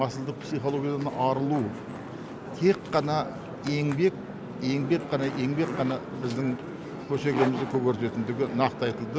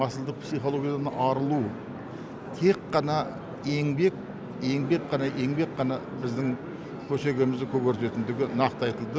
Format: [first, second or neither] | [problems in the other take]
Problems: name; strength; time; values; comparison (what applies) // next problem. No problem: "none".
second | background sound (Zipper (clothing)); 15 dB below the speech